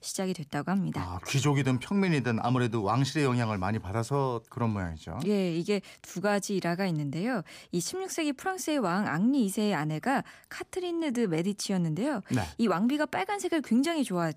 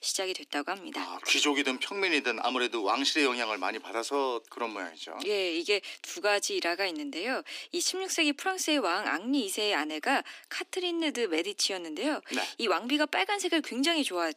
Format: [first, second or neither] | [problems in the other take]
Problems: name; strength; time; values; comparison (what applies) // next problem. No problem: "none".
first | thin; somewhat; fading below 300 Hz